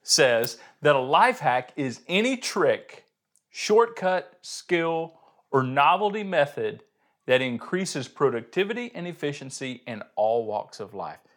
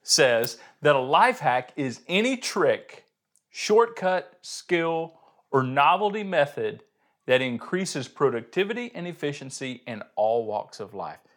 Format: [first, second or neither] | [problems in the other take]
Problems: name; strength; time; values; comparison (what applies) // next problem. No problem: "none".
neither | none